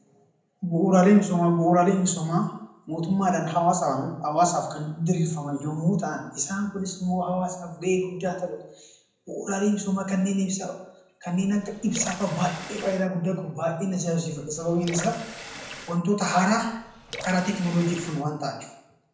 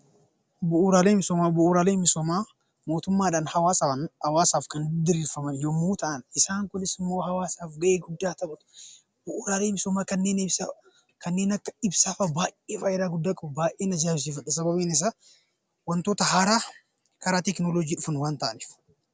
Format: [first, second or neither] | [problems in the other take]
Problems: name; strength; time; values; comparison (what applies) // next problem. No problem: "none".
second | background sound (Water tap, faucet / Water); 14 dB below the speech // room echo; dies away in 0.7 s